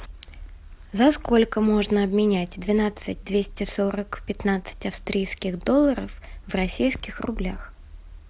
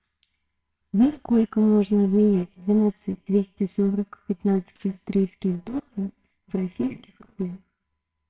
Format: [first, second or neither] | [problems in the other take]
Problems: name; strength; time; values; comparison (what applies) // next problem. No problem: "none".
first | noise reduction (neural separator model SepFormer WHAMR!)